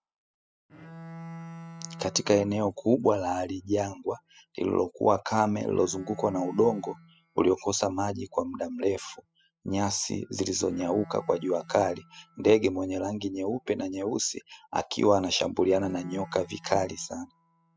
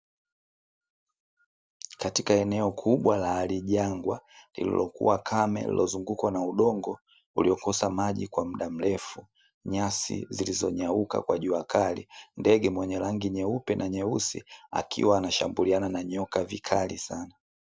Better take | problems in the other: second | noise reduction (classical method spectral subtraction)

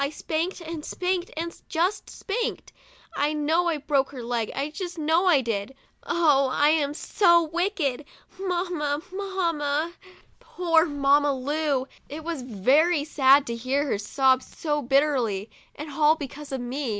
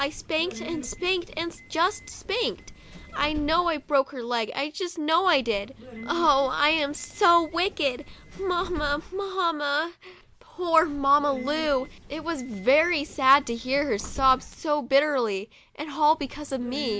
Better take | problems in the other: first | background sound (Subway, metro, underground); 17 dB below the speech

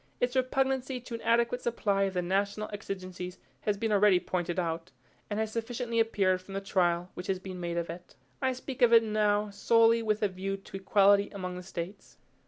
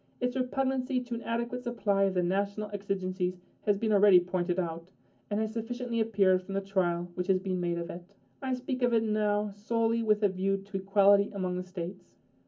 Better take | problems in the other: first | room echo; dies away in 0.3 s

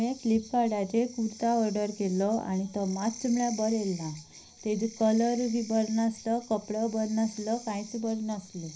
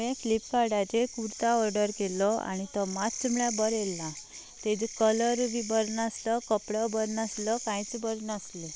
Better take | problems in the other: second | room echo; dies away in 0.5 s

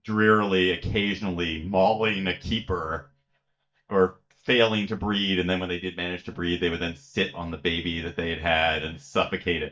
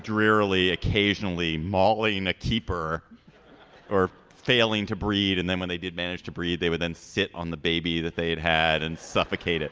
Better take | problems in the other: second | noise reduction (neural mask model DeepFilterNet 3)

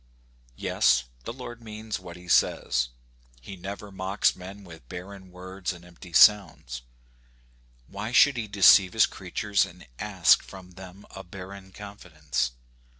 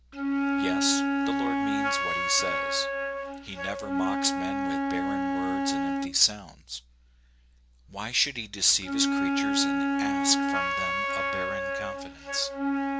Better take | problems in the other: first | background sound (Wind instrument, woodwind instrument); 4 dB above the speech

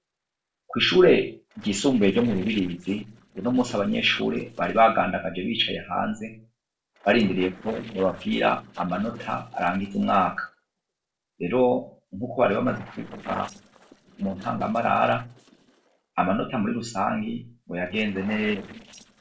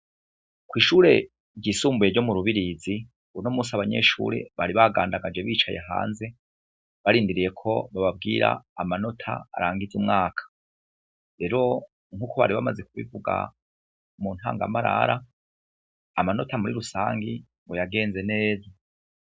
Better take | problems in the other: second | noise reduction (neural separator model SepFormer DNS4)

